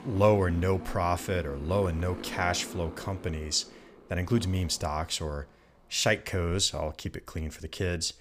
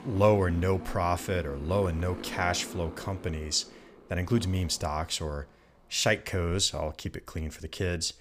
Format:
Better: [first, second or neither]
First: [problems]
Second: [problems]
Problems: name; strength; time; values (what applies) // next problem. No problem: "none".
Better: neither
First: traffic noise; noticeable; throughout; 15 dB below the speech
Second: traffic noise; noticeable; throughout; 15 dB below the speech